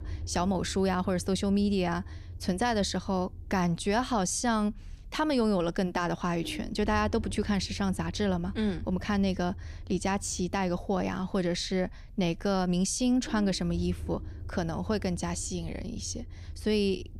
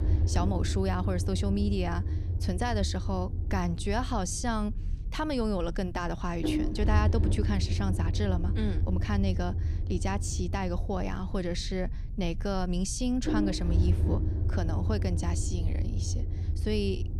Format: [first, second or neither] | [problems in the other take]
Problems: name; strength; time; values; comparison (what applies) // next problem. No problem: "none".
first | low rumble; loud; throughout; 7 dB below the speech; faint in the first